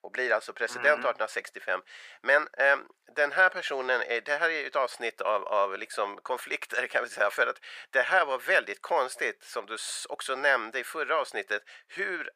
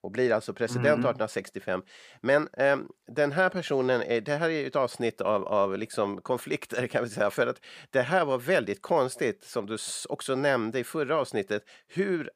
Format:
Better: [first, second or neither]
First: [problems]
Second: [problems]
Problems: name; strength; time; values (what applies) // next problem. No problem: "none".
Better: second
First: thin; very; fading below 650 Hz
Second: none